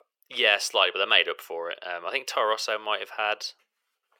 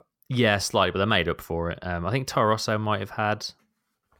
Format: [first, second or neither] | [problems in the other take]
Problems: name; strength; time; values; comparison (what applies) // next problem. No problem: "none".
second | thin; very; fading below 450 Hz